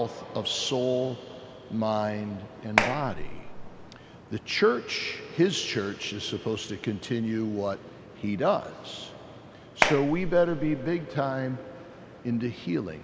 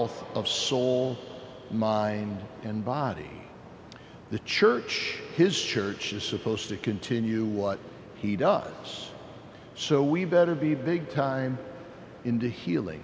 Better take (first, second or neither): second